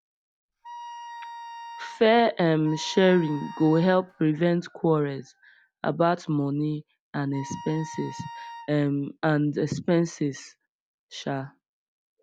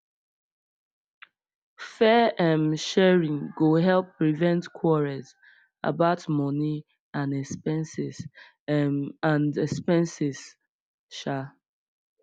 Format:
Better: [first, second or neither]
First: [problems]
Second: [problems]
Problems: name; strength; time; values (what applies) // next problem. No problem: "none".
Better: second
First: background sound (Wind instrument, woodwind instrument); 15 dB below the speech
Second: none